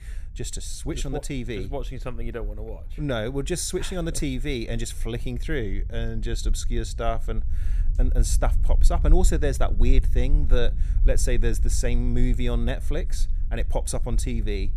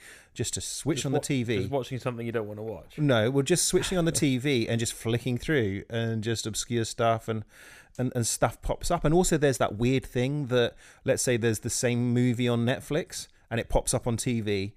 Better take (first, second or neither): second